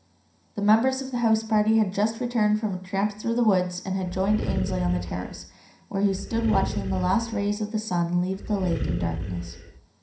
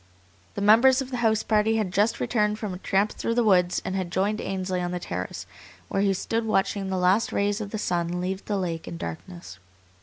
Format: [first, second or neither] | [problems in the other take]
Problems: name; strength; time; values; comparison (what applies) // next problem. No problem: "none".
second | background sound (Animal); 6 dB below the speech // room echo; dies away in 0.5 s